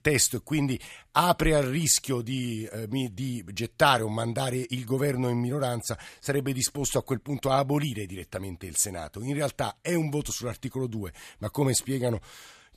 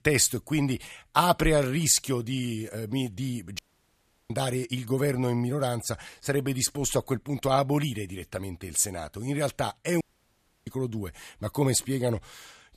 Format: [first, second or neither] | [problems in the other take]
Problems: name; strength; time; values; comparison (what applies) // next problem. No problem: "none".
first | audio cutting out; at 3.5 s for 0.5 s and at 10 s for 0.5 s